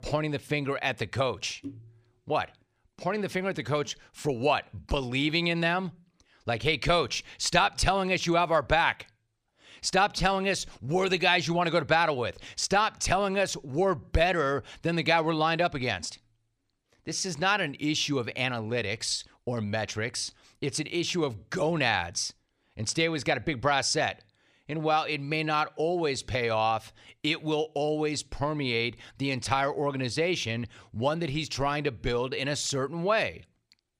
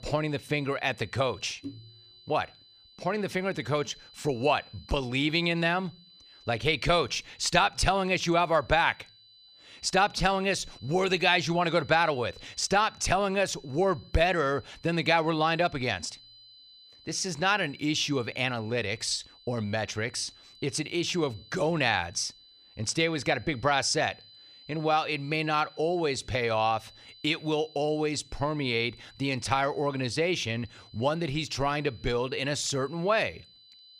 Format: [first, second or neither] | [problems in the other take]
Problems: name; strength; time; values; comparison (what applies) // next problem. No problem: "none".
first | high-pitched whine; faint; throughout; 4 kHz, 25 dB below the speech